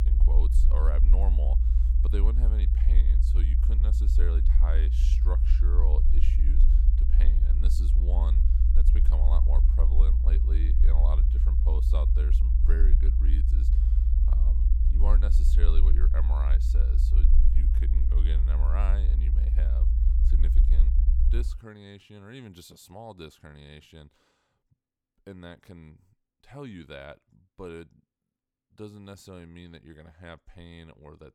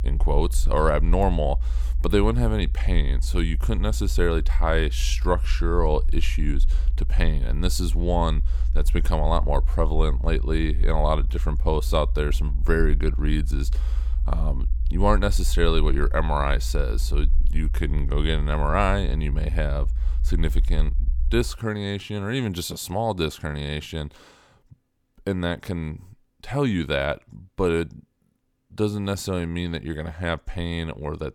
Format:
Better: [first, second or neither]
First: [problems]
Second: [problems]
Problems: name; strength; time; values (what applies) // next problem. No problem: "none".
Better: second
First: low rumble; loud; until 21 s; 1 dB below the speech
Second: low rumble; faint; until 21 s; 20 dB below the speech